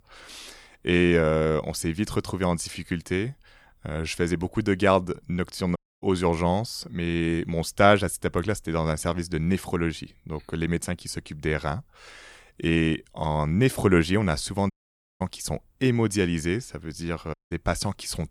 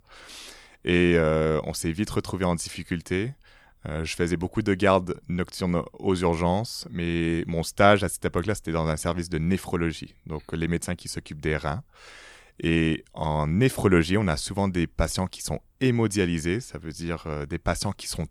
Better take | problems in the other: second | audio cutting out; at 6 s, at 15 s for 0.5 s and at 17 s

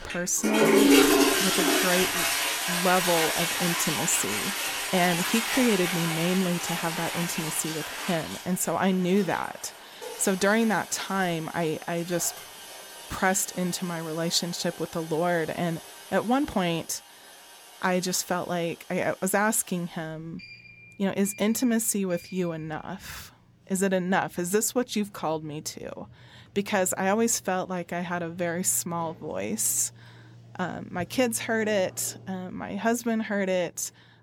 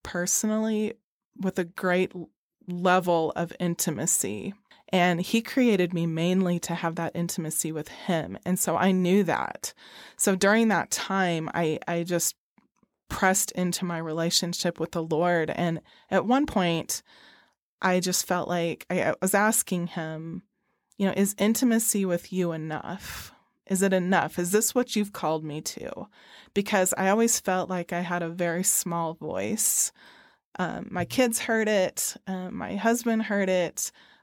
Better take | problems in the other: second | household noises; very loud; throughout; 2 dB above the speech

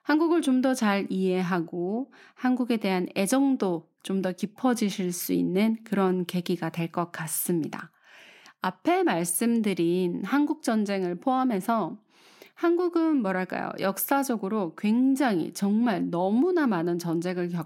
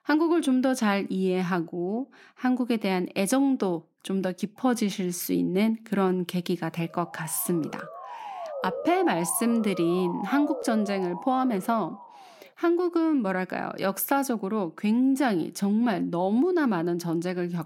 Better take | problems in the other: first | siren; noticeable; from 7 to 12 s; peak 7 dB below the speech

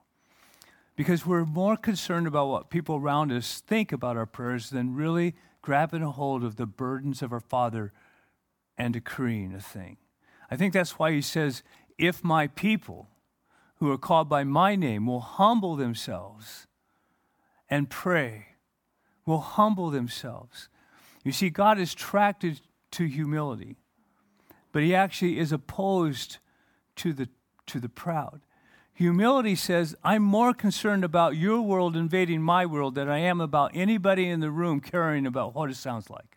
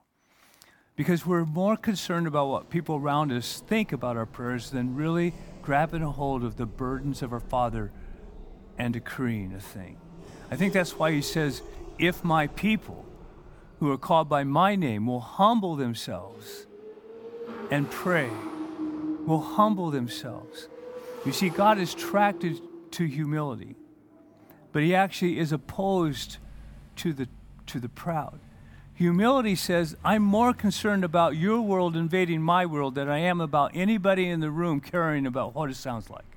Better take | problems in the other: first | traffic noise; noticeable; throughout; 15 dB below the speech

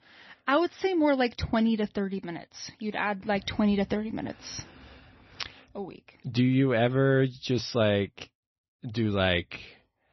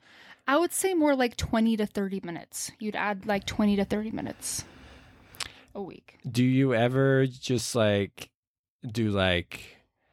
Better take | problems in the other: second | garbled, watery; slightly; nothing above 6 kHz

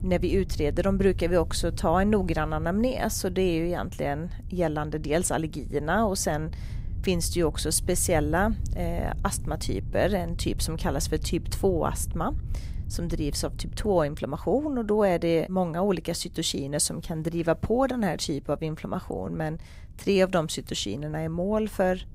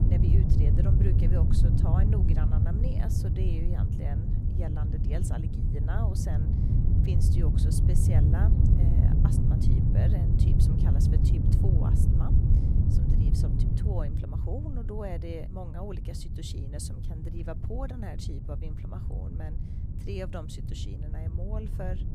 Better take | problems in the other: first | wind noise on the microphone; heavy; 3 dB above the speech; occasional gusts in the first

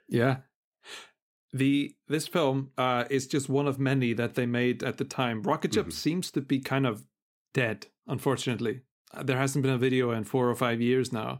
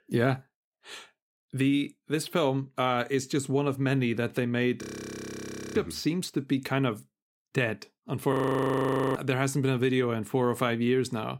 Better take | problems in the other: first | audio freezing; at 5 s for 1 s and at 8.5 s for 1 s

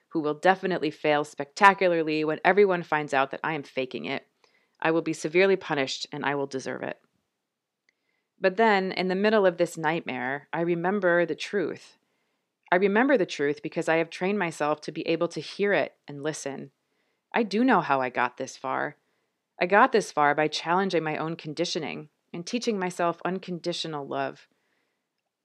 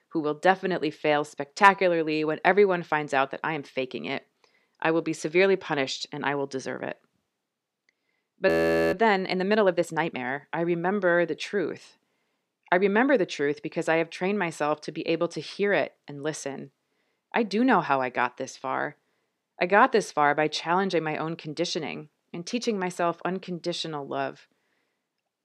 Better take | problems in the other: first | audio freezing; at 8.5 s

